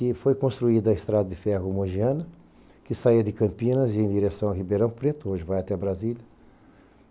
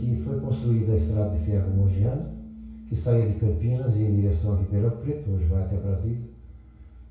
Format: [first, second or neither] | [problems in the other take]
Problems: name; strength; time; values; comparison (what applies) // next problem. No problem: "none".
first | background sound (Piano); 16 dB below the speech // room echo; dies away in 0.6 s